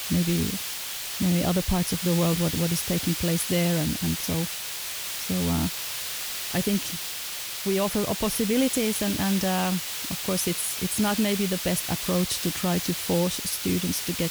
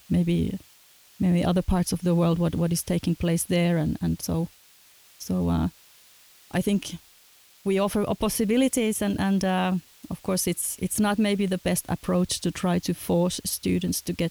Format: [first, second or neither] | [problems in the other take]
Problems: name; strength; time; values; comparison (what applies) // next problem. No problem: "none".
second | hiss; loud; throughout; 2 dB below the speech; faint in the second